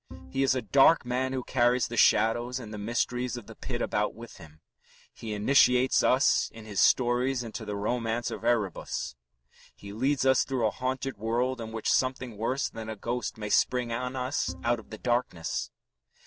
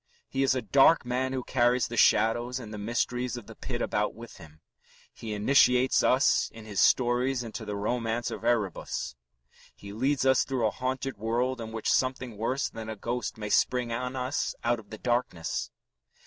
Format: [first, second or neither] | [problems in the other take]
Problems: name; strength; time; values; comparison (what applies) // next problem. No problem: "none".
second | background sound (Bowed string instrument); 18 dB below the speech